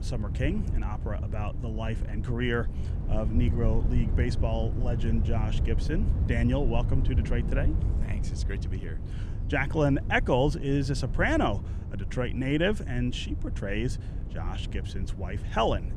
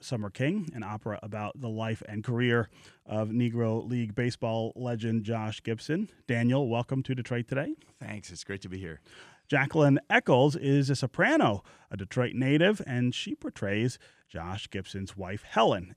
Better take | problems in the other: second | wind noise on the microphone; occasional gusts; 15 dB below the speech

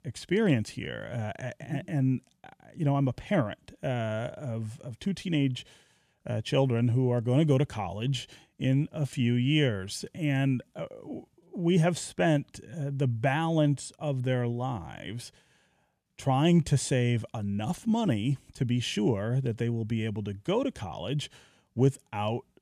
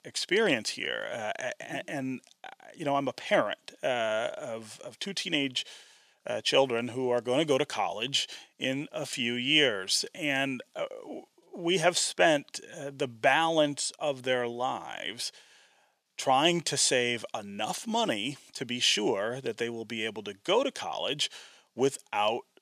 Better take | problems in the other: first | thin; somewhat; fading below 500 Hz

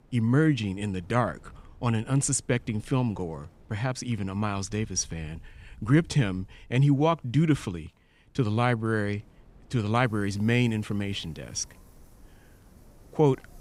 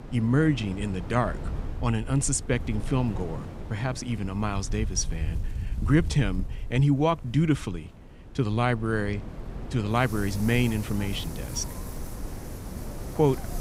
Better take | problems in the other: first | wind in the background; loud; throughout; 10 dB below the speech; faint in the first

